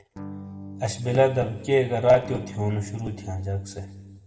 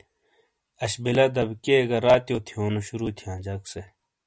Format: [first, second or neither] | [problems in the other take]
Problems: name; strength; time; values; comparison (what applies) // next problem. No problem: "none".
second | background sound (Electric guitar / Strum); 14 dB below the speech // room echo; dies away in 1.3 s